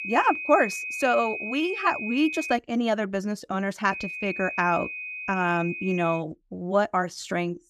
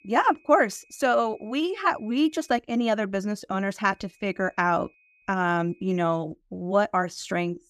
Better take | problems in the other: second | high-pitched whine; loud; until 2.5 s and from 4 to 6 s; 2.5 kHz, 6 dB below the speech; faint in the second

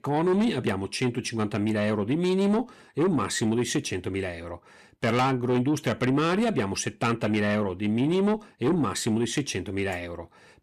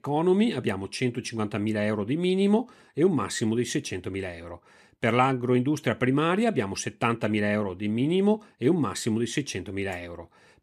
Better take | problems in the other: second | distortion; slight; 10 dB below the speech

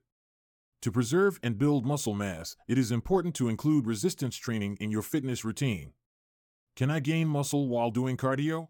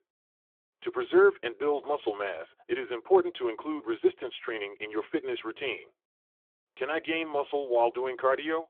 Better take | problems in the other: first | phone-call audio; nothing above 3.5 kHz

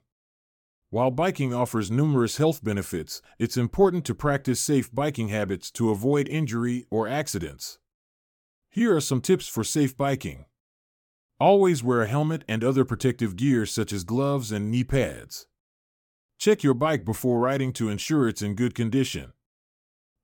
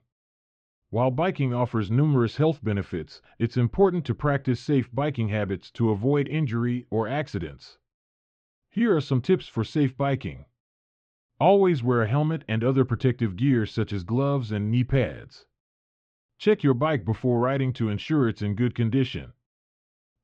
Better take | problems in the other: first | muffled; slightly; fading above 3.5 kHz

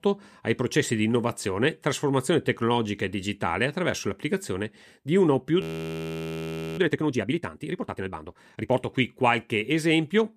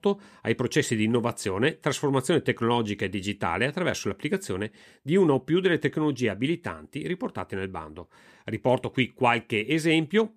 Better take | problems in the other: second | audio freezing; at 5.5 s for 1 s

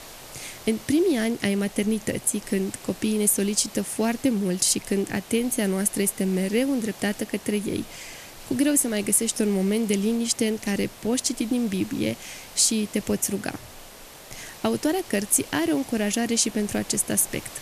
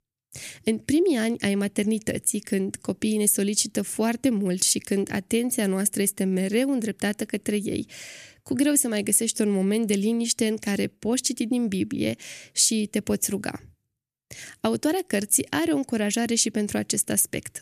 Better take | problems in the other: second | hiss; noticeable; throughout; 20 dB below the speech

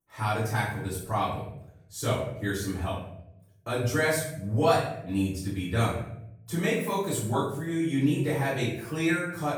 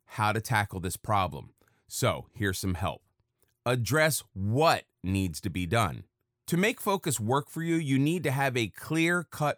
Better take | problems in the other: second | off-mic speech; far // room echo; noticeable; dies away in 0.7 s

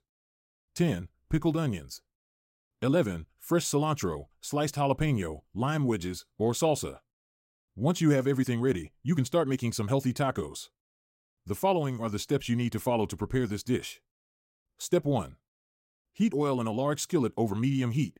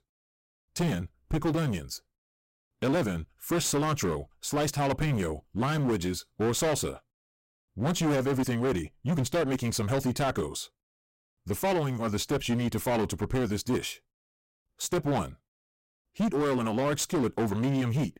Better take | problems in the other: first | distortion; heavy; 16% of the sound clipped

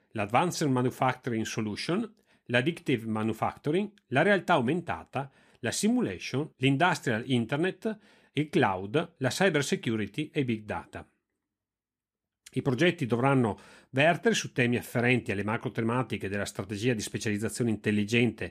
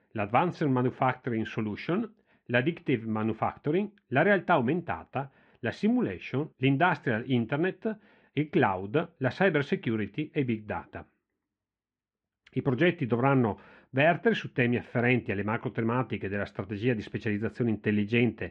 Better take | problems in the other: first | muffled; very; fading above 2.5 kHz

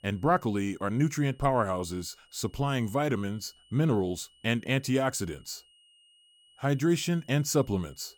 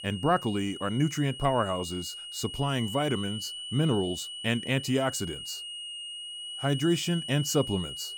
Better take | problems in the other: first | high-pitched whine; loud; throughout; 3 kHz, 8 dB below the speech; faint in the first

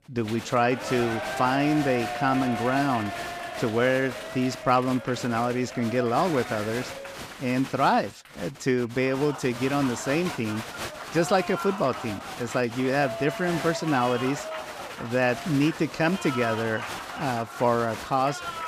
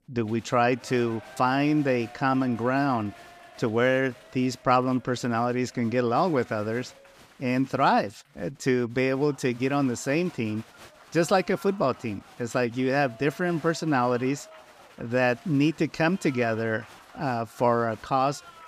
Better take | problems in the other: second | crowd noise; loud; throughout; 9 dB below the speech; faint in the second

